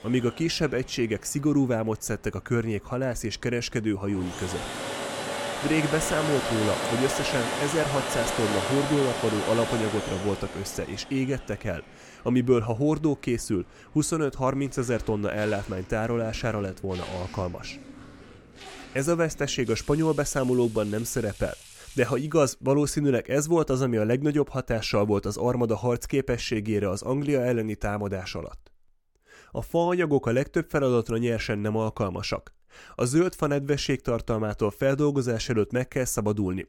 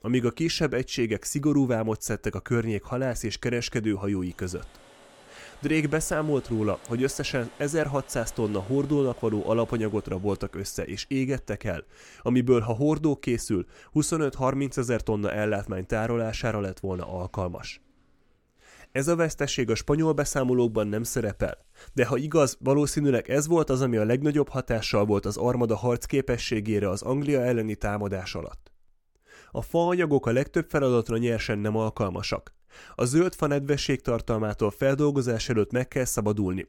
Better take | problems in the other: second | household noises; loud; until 24 s; 5 dB below the speech; faint in the second

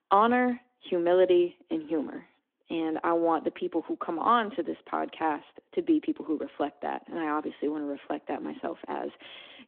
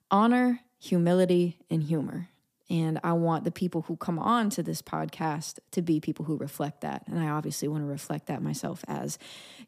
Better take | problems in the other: second | phone-call audio

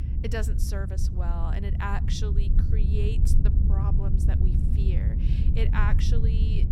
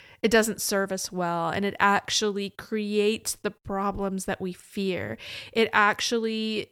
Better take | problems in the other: second | low rumble; loud; throughout; 4 dB below the speech

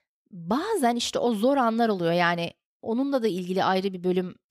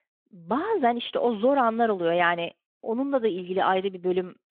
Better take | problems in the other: first | phone-call audio; nothing above 3.5 kHz

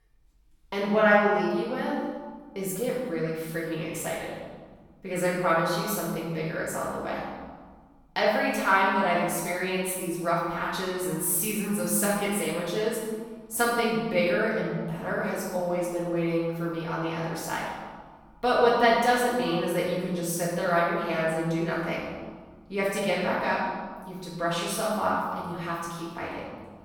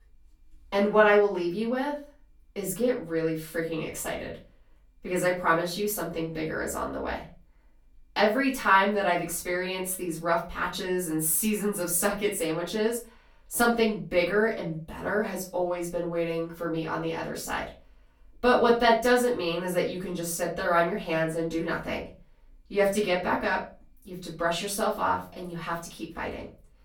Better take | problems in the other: second | room echo; strong; dies away in 1.4 s; slight in the second // off-mic speech; far; far in the second

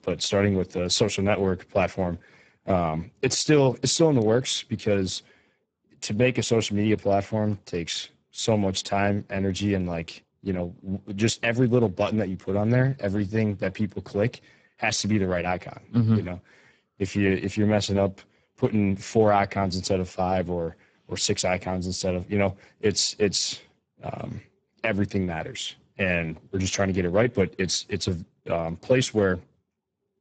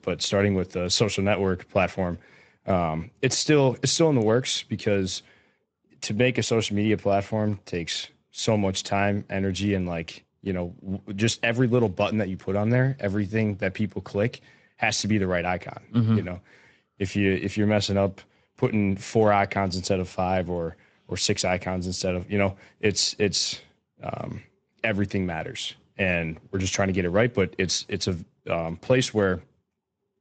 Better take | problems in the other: second | garbled, watery; badly; nothing above 8 kHz; slightly in the second

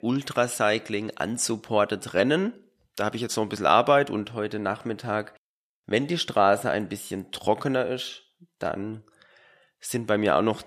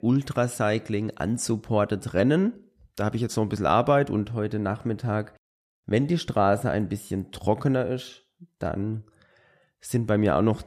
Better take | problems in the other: second | thin; very slightly; fading below 1 kHz

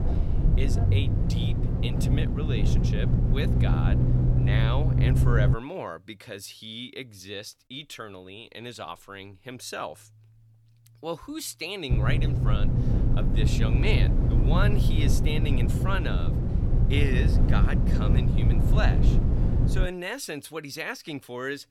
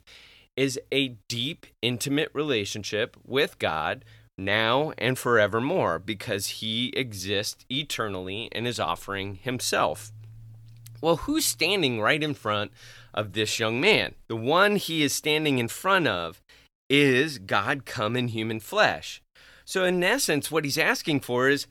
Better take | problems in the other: second | low rumble; loud; until 5.5 s and from 12 to 20 s; 1 dB below the speech

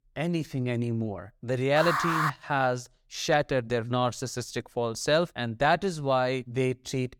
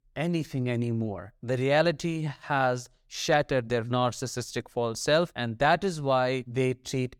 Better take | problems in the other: second | alarm; loud; at 2 s; peak 2 dB above the speech

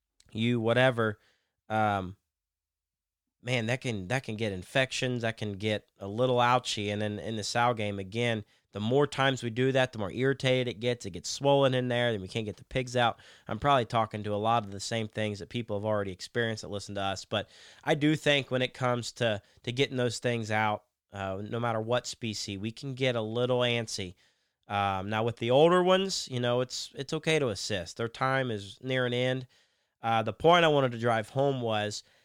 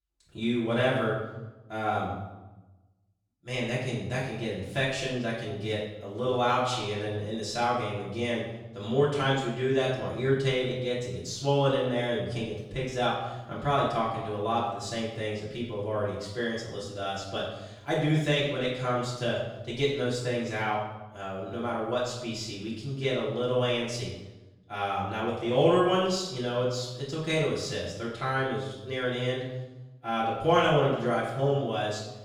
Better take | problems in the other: first | off-mic speech; far // room echo; noticeable; dies away in 0.9 s

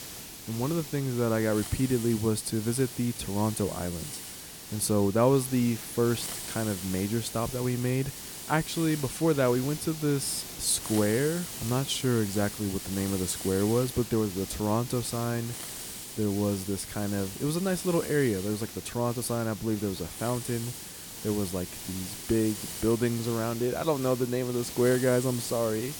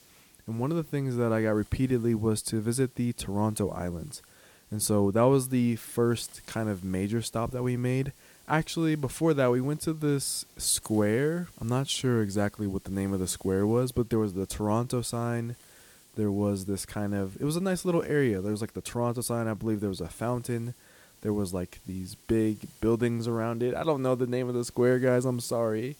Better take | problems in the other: second | hiss; loud; throughout; 9 dB below the speech; faint in the second

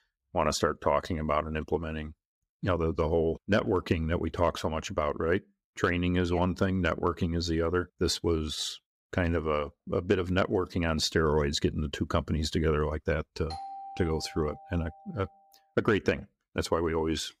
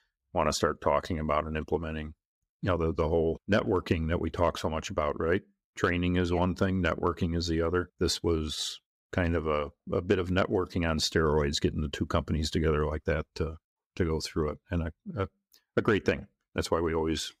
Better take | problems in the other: second | doorbell; faint; from 14 to 15 s; peak 10 dB below the speech

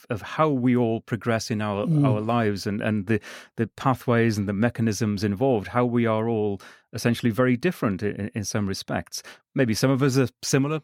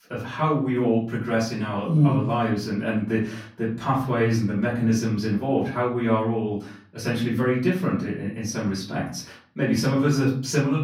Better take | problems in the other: first | off-mic speech; far // room echo; slight; dies away in 0.5 s

